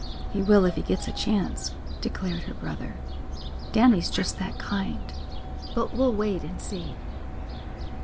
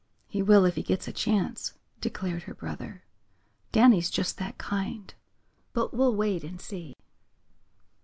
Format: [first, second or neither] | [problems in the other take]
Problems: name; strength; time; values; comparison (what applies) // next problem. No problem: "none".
second | background sound (Fowl); 5 dB below the speech